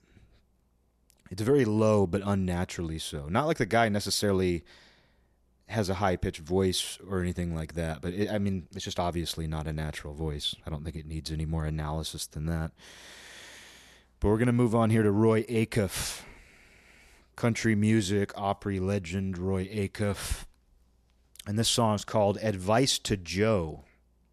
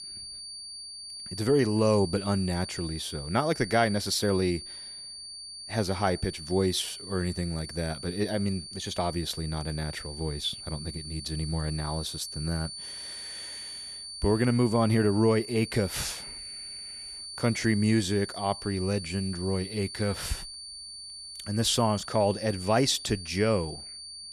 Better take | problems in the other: first | high-pitched whine; loud; throughout; 4.5 kHz, 10 dB below the speech

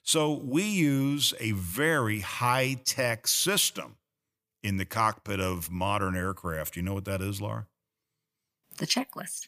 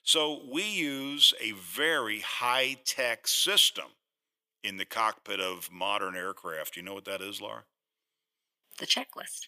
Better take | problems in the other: first | thin; somewhat; fading below 400 Hz

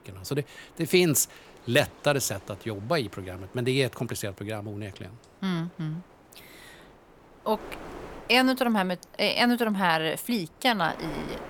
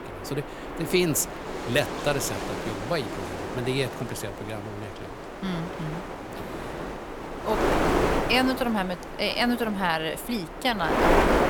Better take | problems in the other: first | wind noise on the microphone; heavy; 2 dB below the speech; occasional gusts in the first

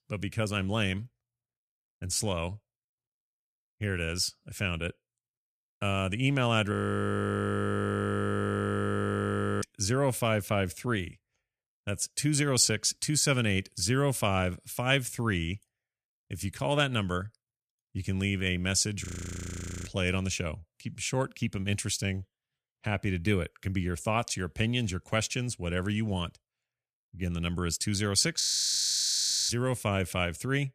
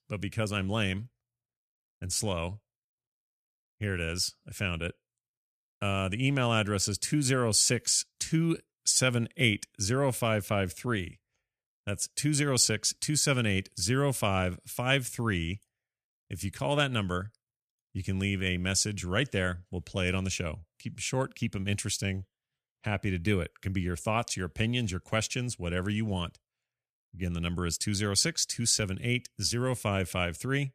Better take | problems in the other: second | audio freezing; at 6.5 s for 3 s, at 19 s for 1 s and at 28 s for 1 s

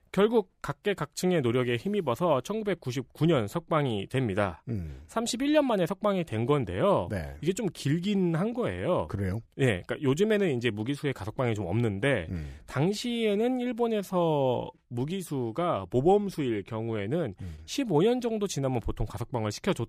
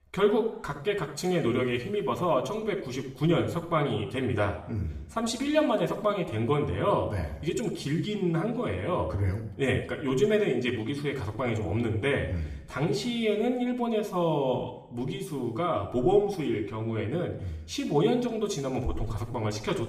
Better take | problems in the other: first | room echo; slight; dies away in 0.8 s // off-mic speech; somewhat distant

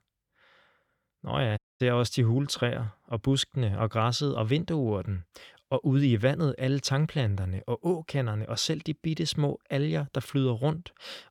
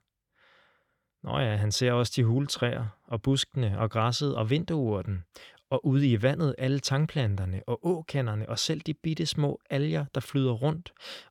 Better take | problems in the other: second | audio cutting out; at 1.5 s

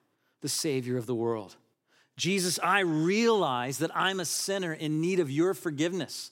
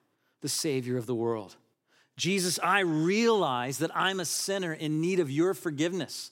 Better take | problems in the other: neither | none

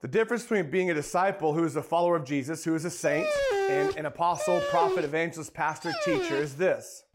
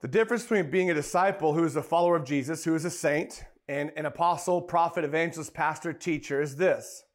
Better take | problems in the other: second | dog barking; loud; from 3 to 6.5 s; peak 2 dB above the speech

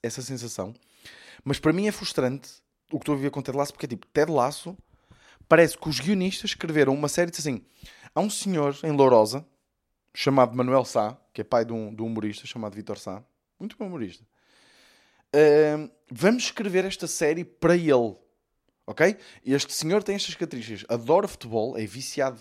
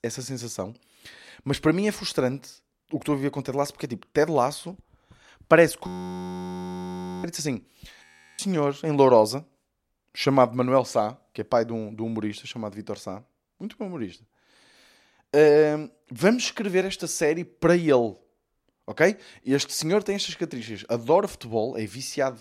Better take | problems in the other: first | audio freezing; at 6 s for 1.5 s and at 8 s

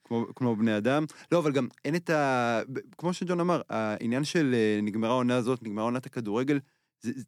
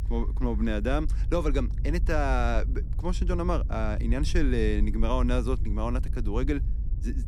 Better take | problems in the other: first | low rumble; noticeable; throughout; 15 dB below the speech

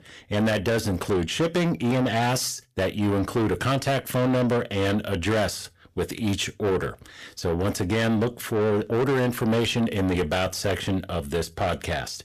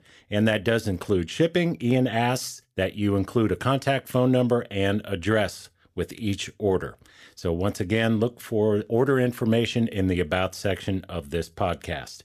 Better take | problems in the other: second | distortion; heavy; 7 dB below the speech

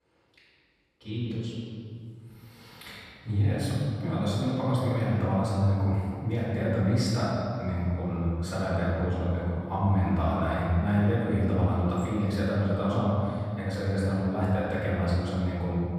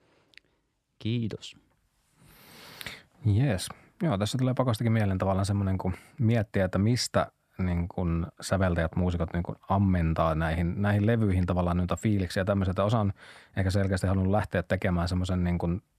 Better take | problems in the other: second | off-mic speech; far // room echo; strong; dies away in 2.2 s

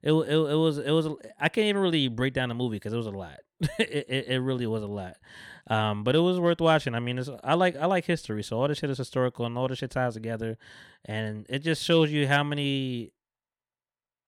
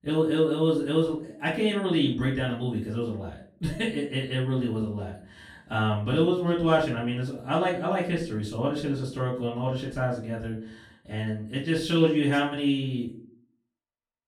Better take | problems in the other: first | off-mic speech; far // room echo; slight; dies away in 0.4 s

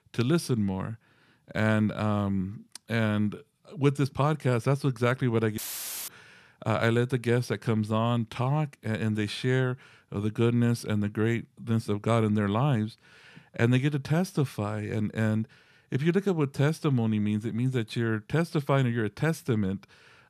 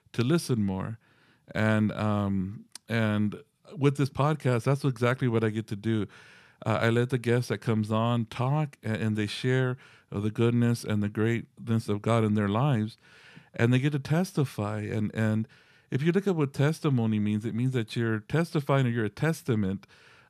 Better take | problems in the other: second | audio cutting out; filled with static; at 5.5 s for 0.5 s

